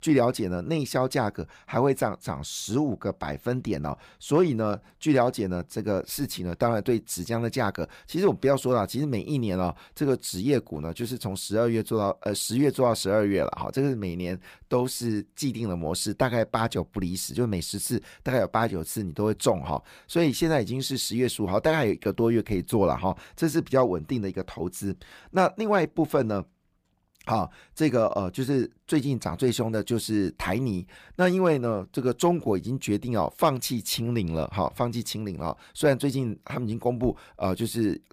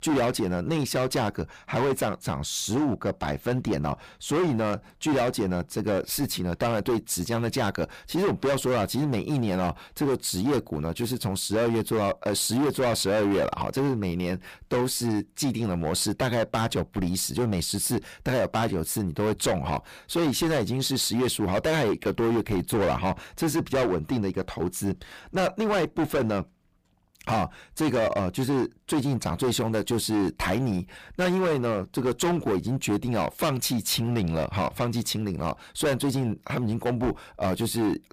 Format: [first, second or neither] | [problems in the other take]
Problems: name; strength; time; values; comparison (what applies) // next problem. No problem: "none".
first | distortion; heavy; 17% of the sound clipped